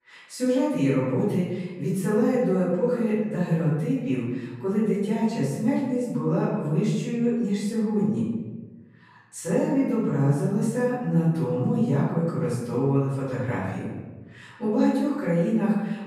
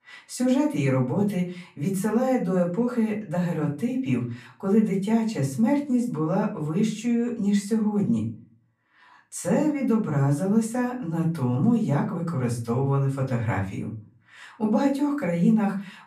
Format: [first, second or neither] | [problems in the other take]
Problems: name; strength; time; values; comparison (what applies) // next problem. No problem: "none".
second | room echo; strong; dies away in 1.3 s; slight in the second // off-mic speech; far; far in the second